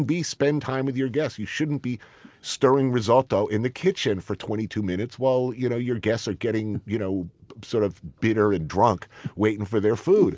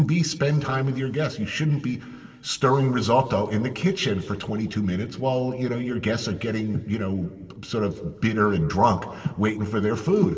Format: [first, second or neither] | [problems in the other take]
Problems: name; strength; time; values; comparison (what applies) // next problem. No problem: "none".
first | room echo; dies away in 1.9 s